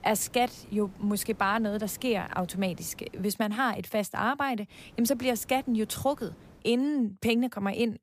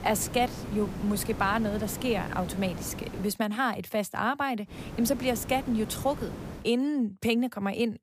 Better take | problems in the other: first | hiss; loud; until 3.5 s and from 4.5 to 6.5 s; 10 dB below the speech; faint in the first

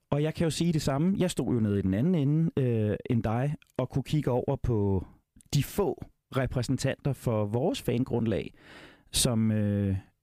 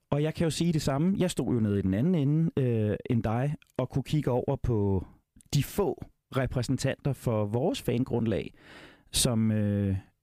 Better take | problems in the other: neither | none

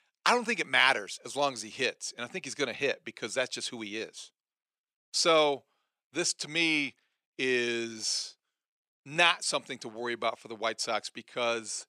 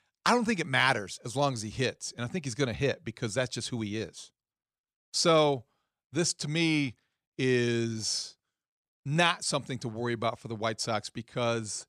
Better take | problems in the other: second | thin; somewhat; fading below 350 Hz

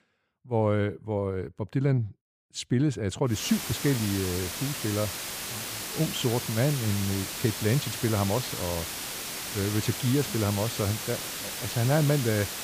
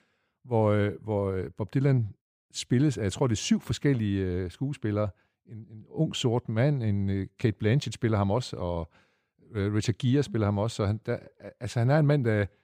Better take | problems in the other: second | hiss; loud; from 3.5 s on; 4 dB below the speech

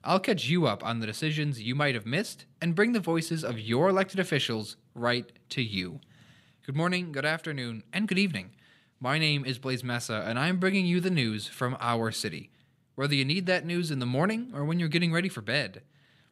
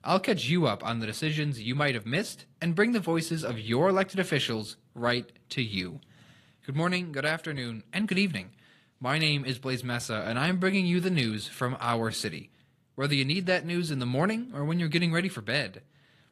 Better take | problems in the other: first | garbled, watery; slightly

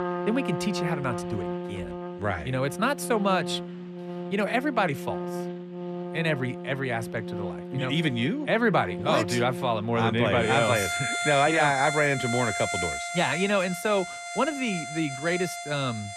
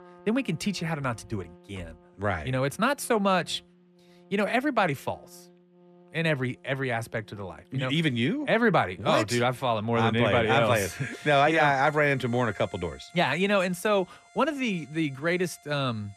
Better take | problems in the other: second | background music; loud; throughout; 7 dB below the speech; faint in the second

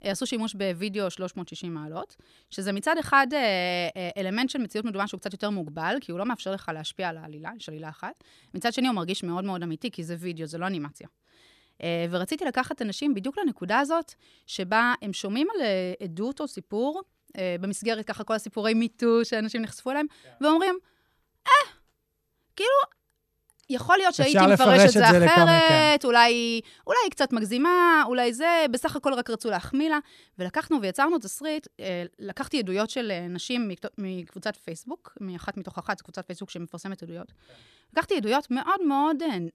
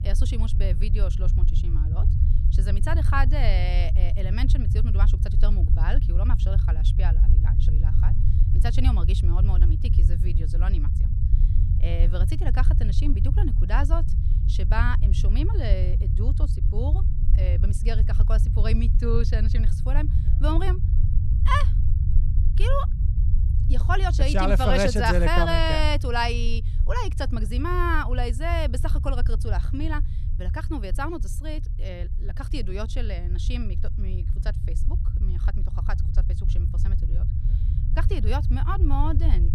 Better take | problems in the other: first | low rumble; noticeable; throughout; 10 dB below the speech

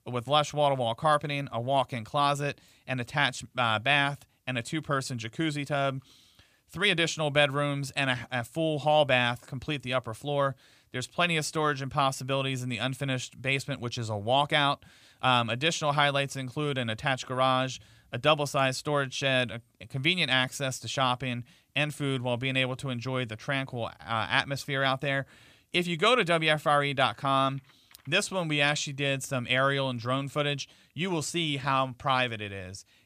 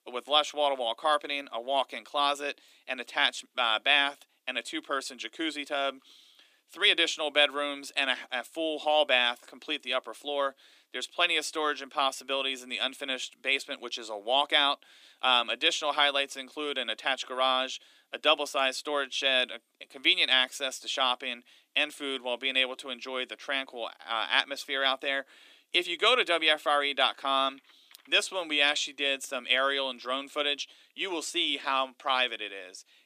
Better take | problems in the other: first | thin; somewhat; fading below 300 Hz

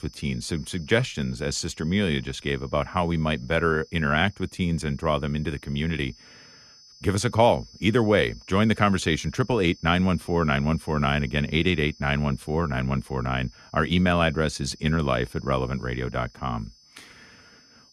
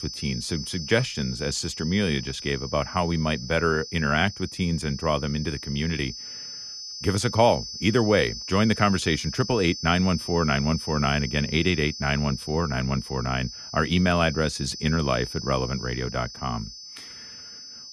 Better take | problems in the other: first | high-pitched whine; loud; throughout; 5 kHz, 10 dB below the speech; faint in the first

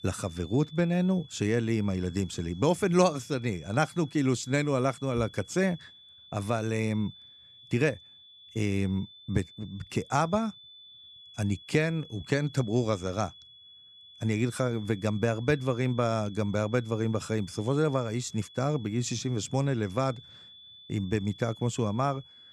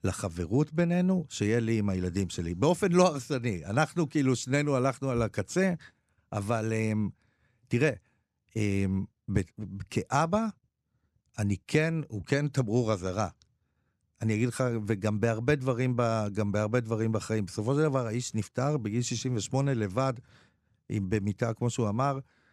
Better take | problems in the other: second | high-pitched whine; faint; throughout; 3.5 kHz, 20 dB below the speech

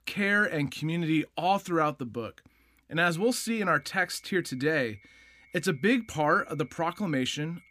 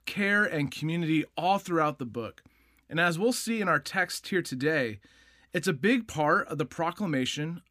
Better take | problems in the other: second | high-pitched whine; faint; from 3 s on; 2 kHz, 30 dB below the speech

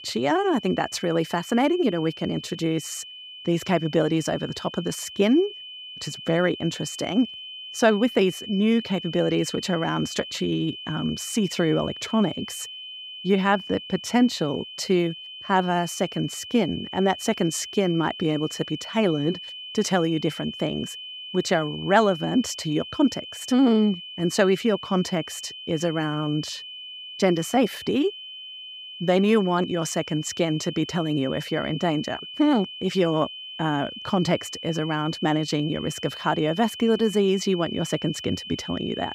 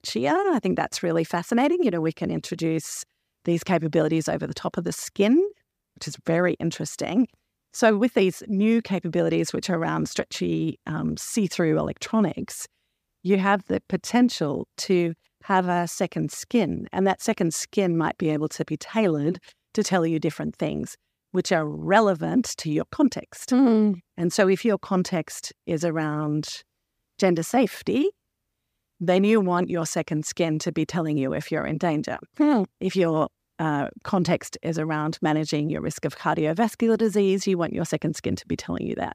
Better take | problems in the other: second | high-pitched whine; noticeable; throughout; 3 kHz, 10 dB below the speech

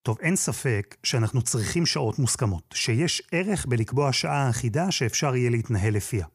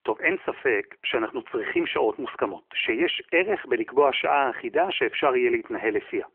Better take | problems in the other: first | phone-call audio; nothing above 3 kHz

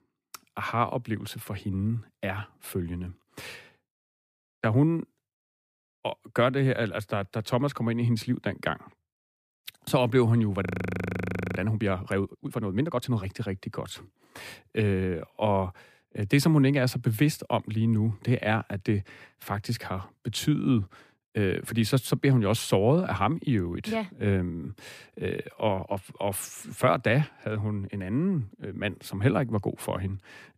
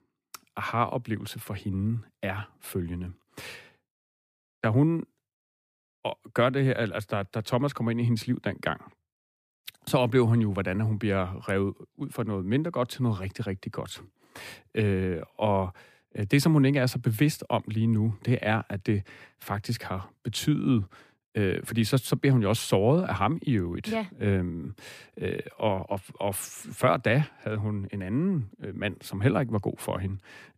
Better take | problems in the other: second | audio freezing; at 11 s for 1 s

